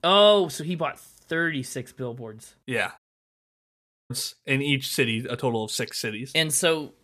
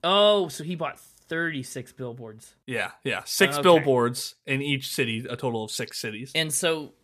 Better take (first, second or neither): second